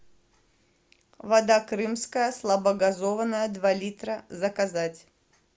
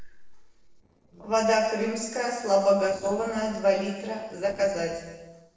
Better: first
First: none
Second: noise reduction (neural separator model SepFormer DNS4)

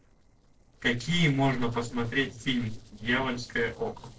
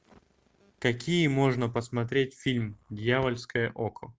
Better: second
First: noise reduction (neural separator model SepFormer DNS4)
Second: none

